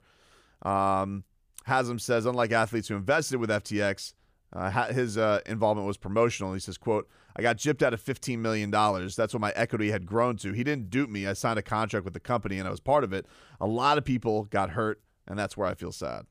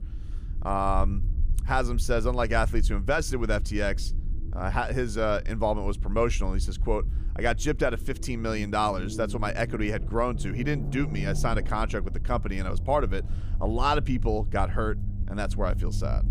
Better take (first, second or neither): first